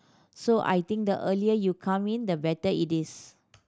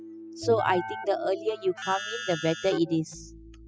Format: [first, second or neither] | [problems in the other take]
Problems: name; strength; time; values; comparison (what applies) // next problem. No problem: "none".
first | noise reduction (classical method spectral subtraction)